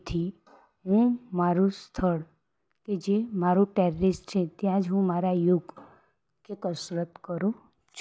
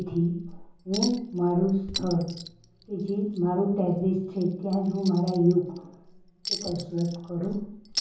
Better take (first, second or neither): first